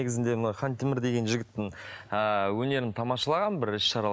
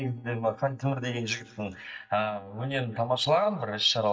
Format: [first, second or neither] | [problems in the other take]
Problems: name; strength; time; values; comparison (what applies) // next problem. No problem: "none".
first | noise reduction (neural mask model DeepFilterNet 3)